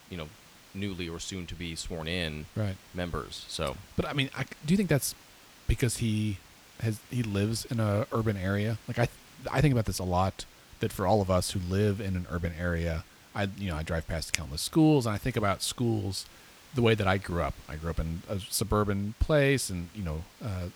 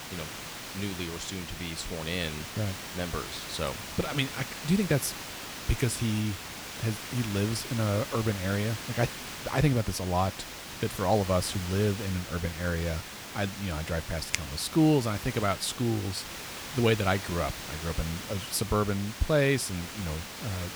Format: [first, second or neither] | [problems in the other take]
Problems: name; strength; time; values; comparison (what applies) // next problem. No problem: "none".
first | hiss; loud; throughout; 8 dB below the speech; faint in the first